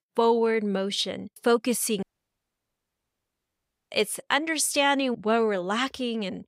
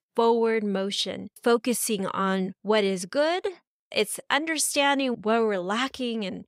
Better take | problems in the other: second | audio cutting out; at 2 s for 2 s

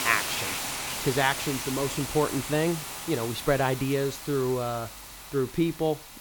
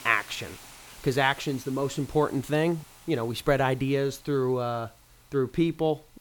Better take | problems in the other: second | hiss; loud; throughout; 5 dB below the speech; faint in the second

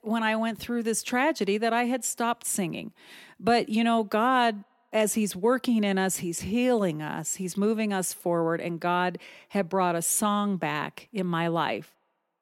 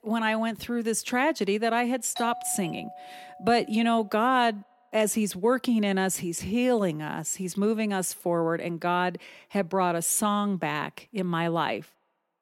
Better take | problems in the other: first | doorbell; noticeable; from 2 to 4 s; peak 9 dB below the speech

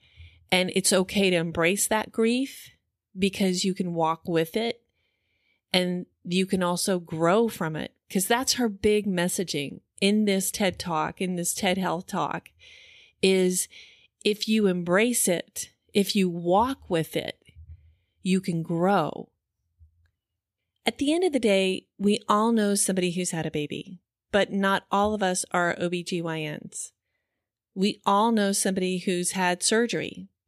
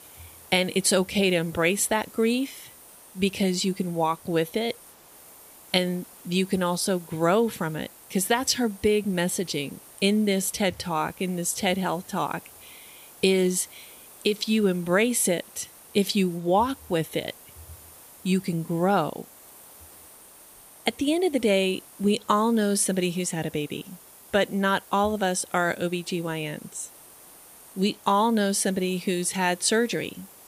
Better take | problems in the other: first | hiss; faint; throughout; 20 dB below the speech

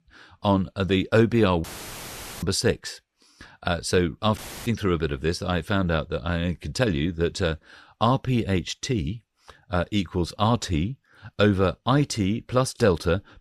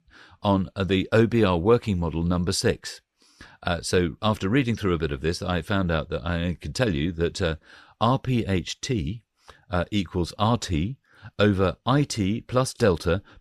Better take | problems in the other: second | audio cutting out; filled with static; at 1.5 s for 1 s and at 4.5 s

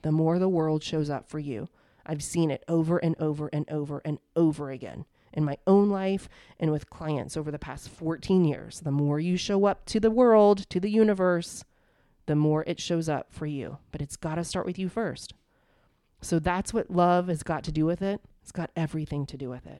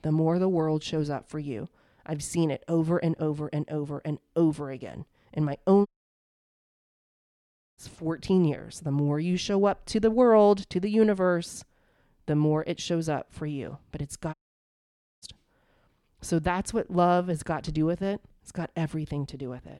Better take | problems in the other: first | audio cutting out; at 6 s for 2 s and at 14 s for 1 s

